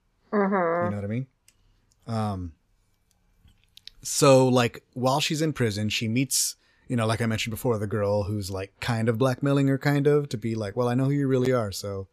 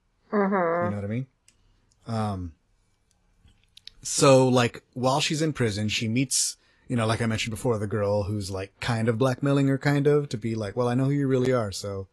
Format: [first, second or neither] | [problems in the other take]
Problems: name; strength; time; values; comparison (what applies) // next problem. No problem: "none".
first | garbled, watery; slightly; nothing above 11.5 kHz